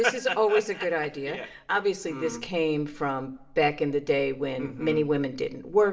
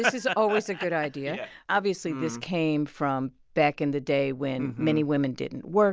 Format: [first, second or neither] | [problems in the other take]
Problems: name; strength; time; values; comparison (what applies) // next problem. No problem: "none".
second | room echo; dies away in 0.5 s